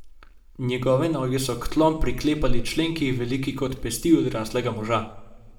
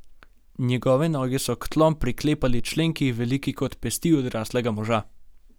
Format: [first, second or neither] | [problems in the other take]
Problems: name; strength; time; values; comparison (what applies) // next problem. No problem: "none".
second | room echo; dies away in 0.6 s